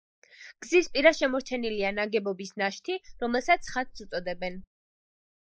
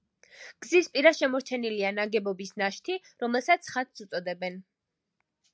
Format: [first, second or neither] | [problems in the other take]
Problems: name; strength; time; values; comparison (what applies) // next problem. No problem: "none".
second | noise reduction (neural mask model Resemble Enhance denoiser)